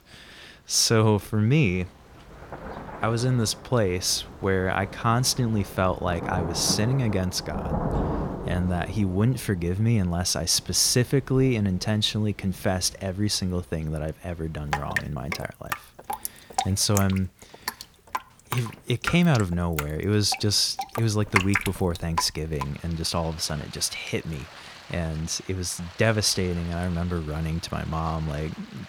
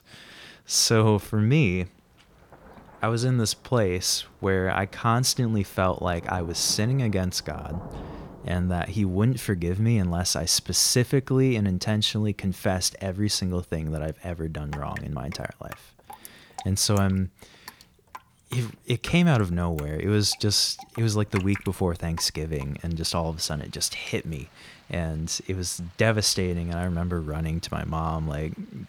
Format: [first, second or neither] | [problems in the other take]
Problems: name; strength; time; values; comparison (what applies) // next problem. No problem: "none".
second | rain or running water; loud; throughout; 9 dB below the speech; faint in the second